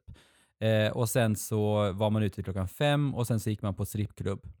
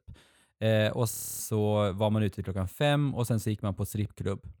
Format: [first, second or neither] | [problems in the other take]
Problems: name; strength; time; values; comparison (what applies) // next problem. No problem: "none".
first | audio freezing; at 1 s